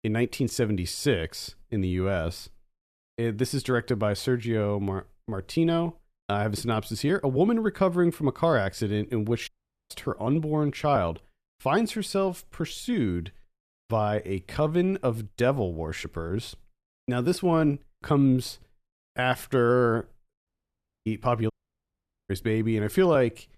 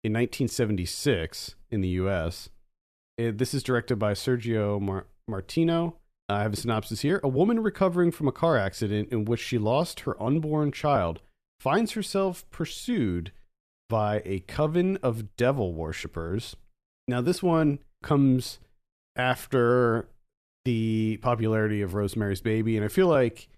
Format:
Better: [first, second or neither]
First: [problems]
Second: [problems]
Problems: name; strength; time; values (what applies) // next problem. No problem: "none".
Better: second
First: audio cutting out; at 9.5 s, at 20 s for 0.5 s and at 22 s for 1 s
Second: none